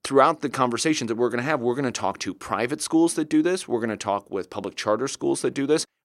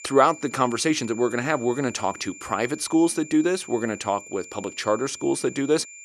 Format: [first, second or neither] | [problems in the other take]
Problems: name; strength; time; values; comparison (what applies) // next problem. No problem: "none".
first | high-pitched whine; noticeable; throughout; 2.5 kHz, 15 dB below the speech